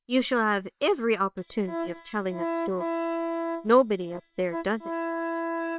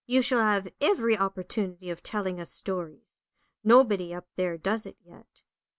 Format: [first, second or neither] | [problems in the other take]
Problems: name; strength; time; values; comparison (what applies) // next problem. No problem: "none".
second | noise reduction (neural separator model SepFormer WHAM!)